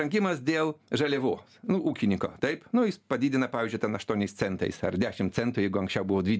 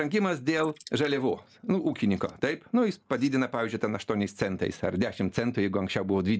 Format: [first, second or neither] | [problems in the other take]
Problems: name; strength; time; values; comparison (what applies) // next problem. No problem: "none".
first | noise reduction (neural mask model Resemble Enhance denoiser)